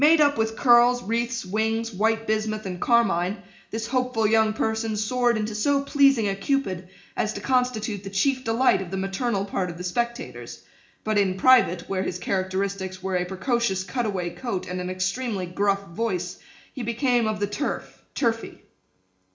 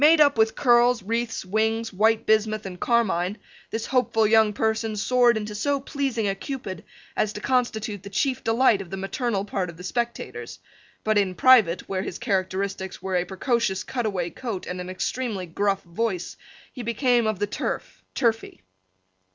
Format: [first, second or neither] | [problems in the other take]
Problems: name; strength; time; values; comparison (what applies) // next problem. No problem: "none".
second | room echo; dies away in 0.4 s